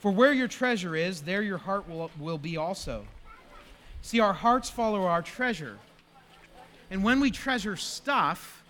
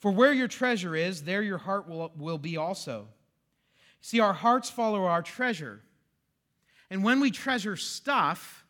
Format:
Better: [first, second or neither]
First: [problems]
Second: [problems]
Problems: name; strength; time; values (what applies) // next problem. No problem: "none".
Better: second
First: hiss; faint; throughout; 25 dB below the speech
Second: none